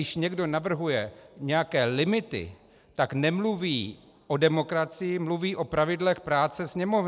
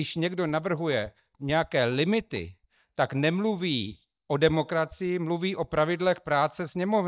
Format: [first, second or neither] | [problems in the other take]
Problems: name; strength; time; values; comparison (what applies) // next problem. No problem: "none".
first | noise reduction (neural mask model DeepFilterNet 3)